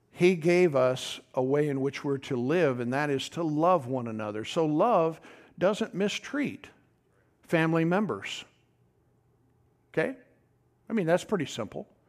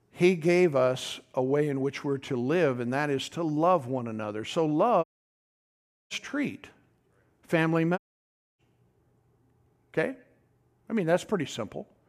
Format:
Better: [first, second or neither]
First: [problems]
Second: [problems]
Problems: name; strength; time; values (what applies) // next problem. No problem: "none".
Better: first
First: none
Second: audio cutting out; at 5 s for 1 s and at 8 s for 0.5 s